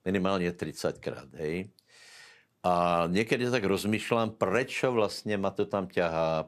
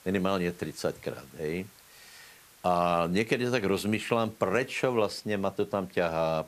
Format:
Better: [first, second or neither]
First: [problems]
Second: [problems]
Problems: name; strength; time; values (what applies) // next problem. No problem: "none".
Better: first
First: none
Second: hiss; faint; throughout; 25 dB below the speech